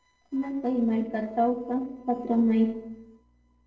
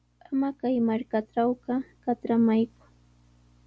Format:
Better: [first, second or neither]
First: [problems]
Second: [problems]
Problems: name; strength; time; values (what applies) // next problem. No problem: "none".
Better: second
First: noise reduction (neural separator model SepFormer DNS4)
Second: none